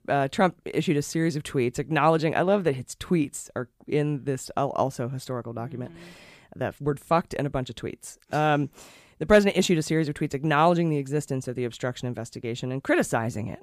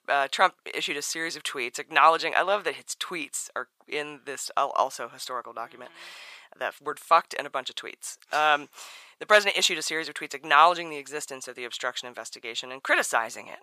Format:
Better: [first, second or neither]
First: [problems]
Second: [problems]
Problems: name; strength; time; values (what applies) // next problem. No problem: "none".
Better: first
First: none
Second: thin; very; fading below 800 Hz